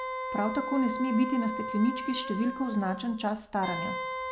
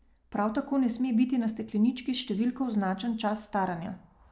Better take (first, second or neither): second